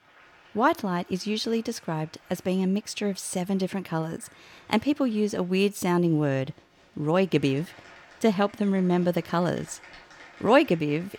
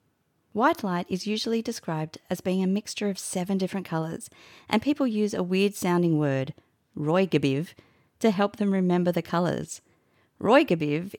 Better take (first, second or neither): second